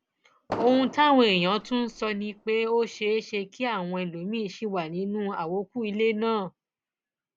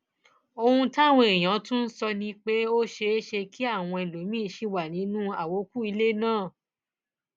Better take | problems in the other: second | background sound (Fireworks); 13 dB below the speech

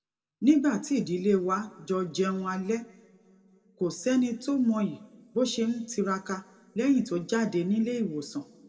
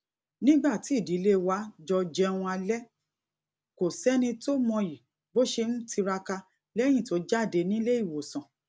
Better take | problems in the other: second | room echo; dies away in 1.1 s

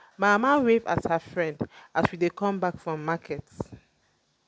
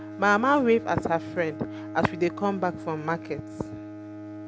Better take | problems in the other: first | background sound (Bowed string instrument); 11 dB below the speech

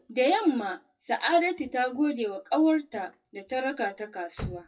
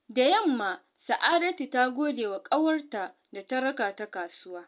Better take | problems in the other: second | noise reduction (classical method WPE with log-MMSE)

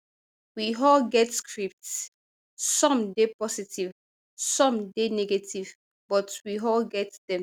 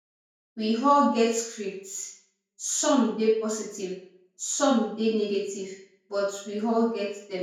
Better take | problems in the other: first | room echo; dies away in 0.5 s

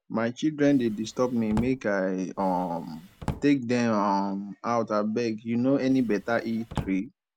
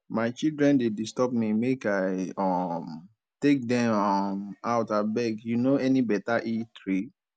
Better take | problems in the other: second | background sound (Drawer open or close); 13 dB below the speech

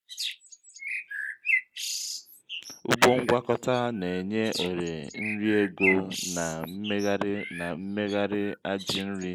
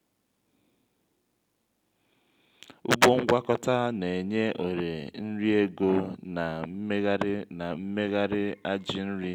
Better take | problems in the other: second | noise reduction (neural mask model Resemble Enhance denoiser)

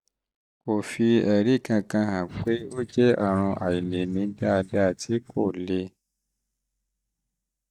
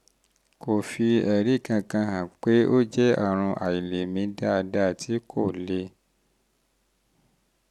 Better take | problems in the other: second | noise reduction (neural mask model DeepFilterNet 3)

